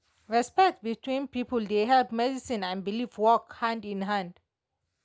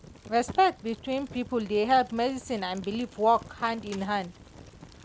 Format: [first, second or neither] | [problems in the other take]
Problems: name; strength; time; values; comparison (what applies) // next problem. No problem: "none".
first | background sound (Fire); 19 dB below the speech